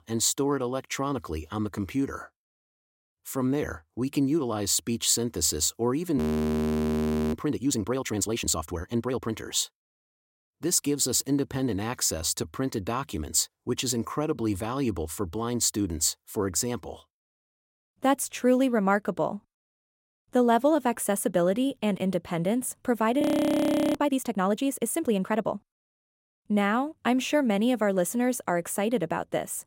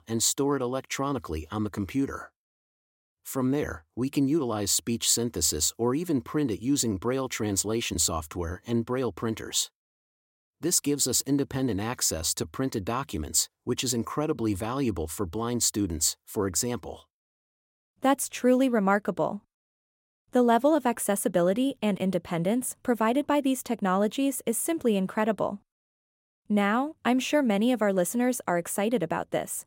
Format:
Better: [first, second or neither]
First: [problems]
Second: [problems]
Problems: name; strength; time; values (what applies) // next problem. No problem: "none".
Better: second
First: audio freezing; at 6 s for 1 s and at 23 s for 0.5 s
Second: none